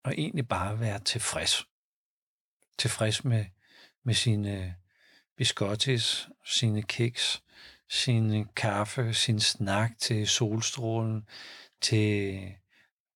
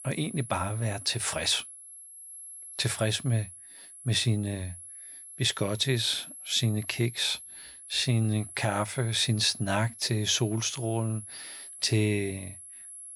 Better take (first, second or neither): first